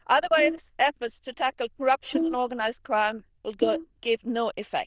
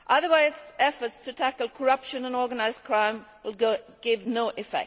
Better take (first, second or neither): second